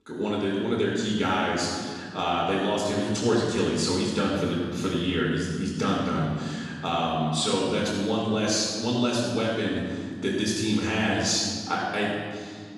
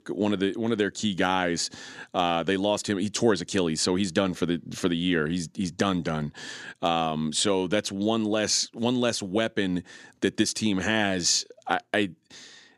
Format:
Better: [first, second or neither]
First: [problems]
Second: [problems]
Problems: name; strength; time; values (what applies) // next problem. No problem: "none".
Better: second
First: room echo; strong; dies away in 1.8 s // off-mic speech; far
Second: none